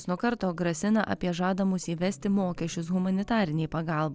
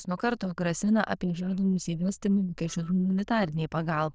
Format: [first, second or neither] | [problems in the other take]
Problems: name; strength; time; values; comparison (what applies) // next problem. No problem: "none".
first | noise reduction (neural diffusion model UNIVERSE++)